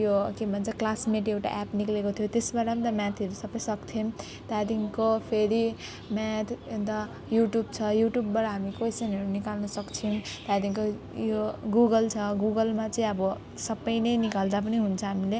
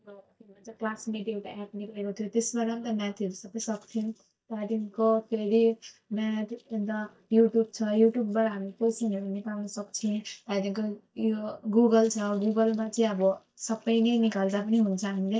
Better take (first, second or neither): first